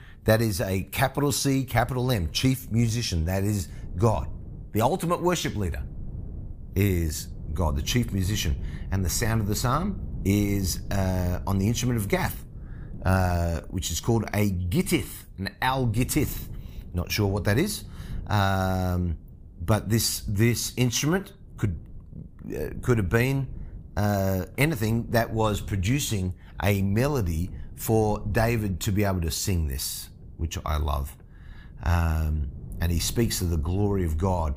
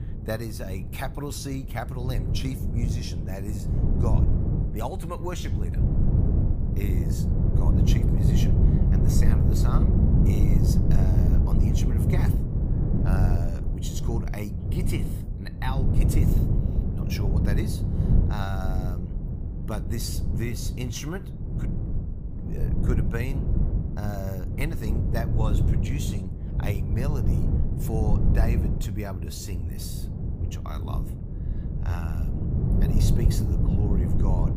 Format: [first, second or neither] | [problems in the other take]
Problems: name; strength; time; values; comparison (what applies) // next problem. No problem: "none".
first | wind noise on the microphone; heavy; as loud as the speech; occasional gusts in the first